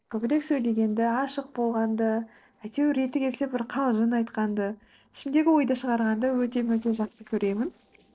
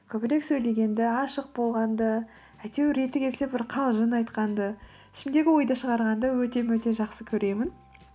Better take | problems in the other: second | noise reduction (neural separator model SepFormer DNS4)

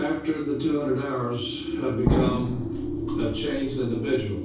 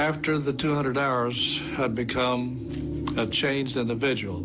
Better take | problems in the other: second | background sound (Explosion); 2 dB below the speech // room echo; dies away in 0.6 s

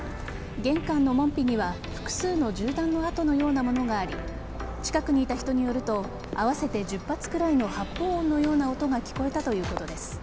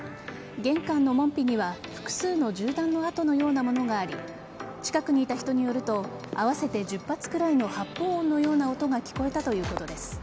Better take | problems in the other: second | background sound (Walk, footsteps); 11 dB below the speech

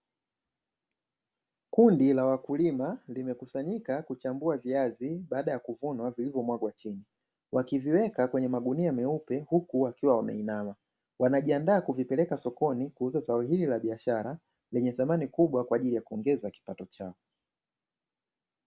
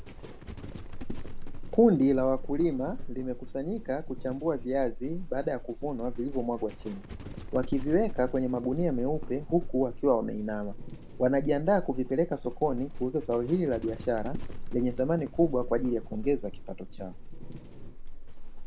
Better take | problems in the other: first | background sound (Livestock, farm animals, working animals); 6 dB below the speech

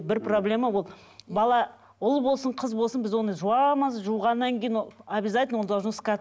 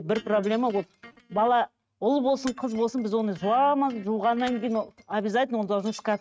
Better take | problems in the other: first | noise reduction (neural mask model RNNoise)

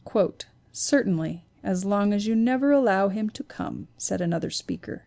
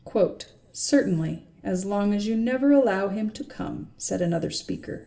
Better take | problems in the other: first | room echo; dies away in 0.4 s

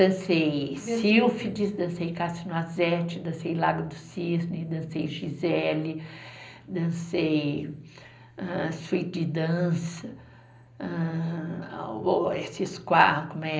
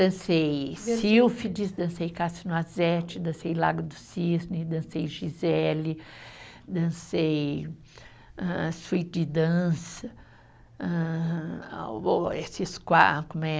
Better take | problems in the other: second | room echo; dies away in 0.5 s

